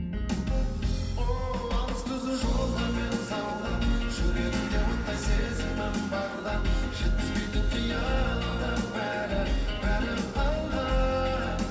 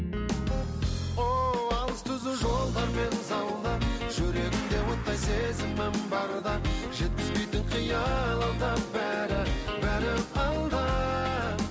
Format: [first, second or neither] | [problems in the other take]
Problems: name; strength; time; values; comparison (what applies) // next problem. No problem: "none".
second | background sound (Wind instrument, woodwind instrument); 20 dB below the speech // room echo; dies away in 2.4 s